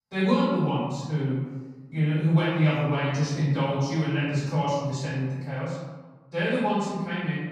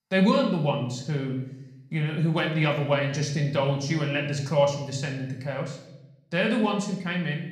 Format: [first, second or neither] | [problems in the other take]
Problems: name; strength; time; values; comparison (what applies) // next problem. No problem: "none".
second | room echo; strong; dies away in 1.2 s; slight in the second // off-mic speech; far; somewhat distant in the second